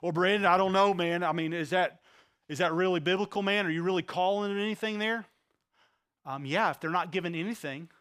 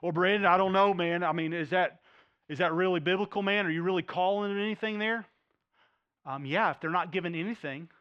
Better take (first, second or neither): first